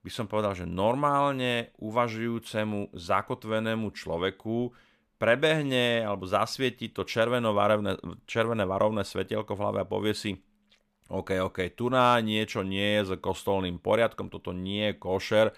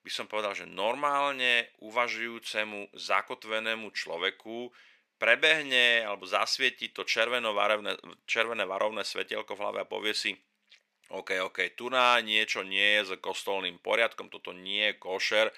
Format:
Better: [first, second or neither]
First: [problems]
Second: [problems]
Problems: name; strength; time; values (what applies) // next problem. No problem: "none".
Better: first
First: none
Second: thin; somewhat; fading below 400 Hz